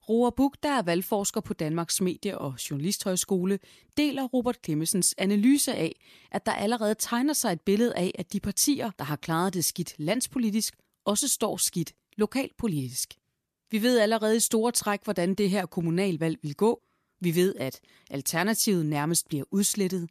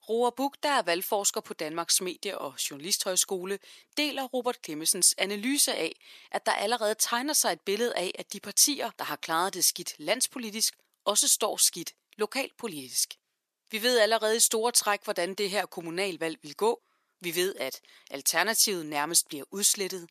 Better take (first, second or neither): first